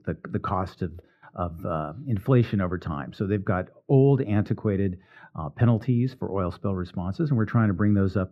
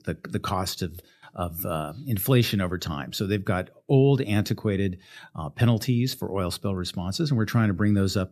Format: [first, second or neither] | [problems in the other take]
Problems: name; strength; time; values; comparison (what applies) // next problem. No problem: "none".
second | muffled; very; fading above 3.5 kHz